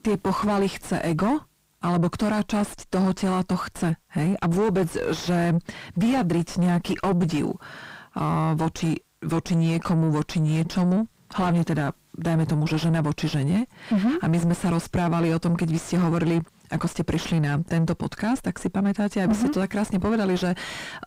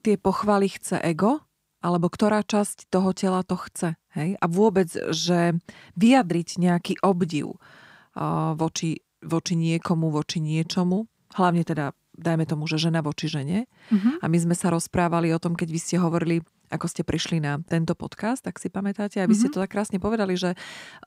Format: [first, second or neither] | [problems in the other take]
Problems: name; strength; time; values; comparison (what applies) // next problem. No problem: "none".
second | distortion; heavy; 6 dB below the speech